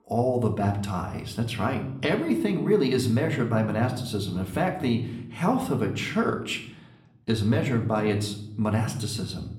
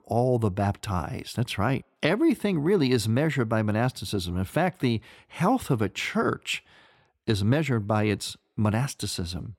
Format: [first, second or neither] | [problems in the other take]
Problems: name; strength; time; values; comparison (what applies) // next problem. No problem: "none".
second | room echo; slight; dies away in 0.7 s // off-mic speech; somewhat distant